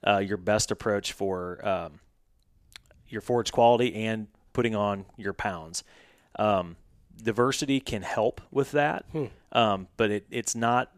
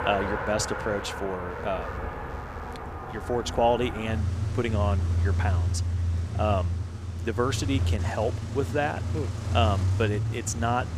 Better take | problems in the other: first | traffic noise; loud; throughout; as loud as the speech

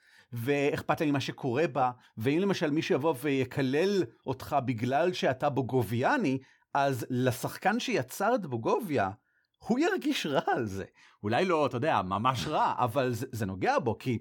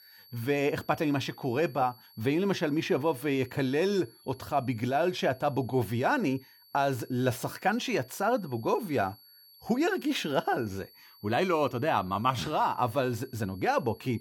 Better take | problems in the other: first | high-pitched whine; faint; throughout; 4.5 kHz, 25 dB below the speech

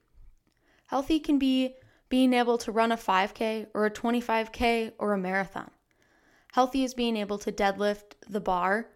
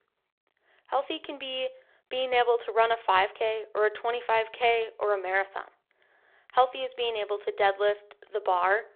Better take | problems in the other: first | phone-call audio

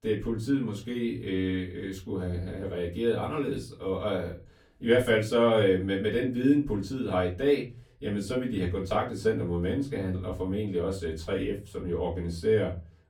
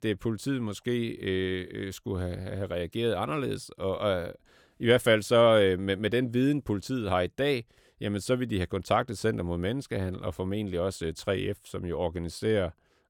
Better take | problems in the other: second | off-mic speech; far // room echo; very slight; dies away in 0.3 s

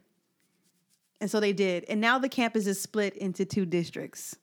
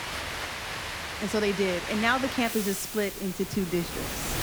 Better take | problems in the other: first | rain or running water; loud; throughout; 5 dB below the speech

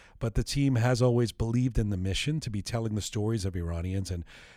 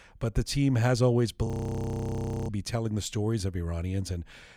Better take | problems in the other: first | audio freezing; at 1.5 s for 1 s

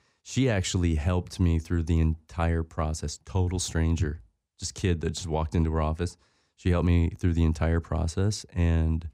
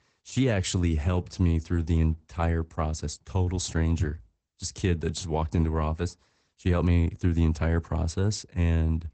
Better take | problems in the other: first | garbled, watery; badly; nothing above 8 kHz

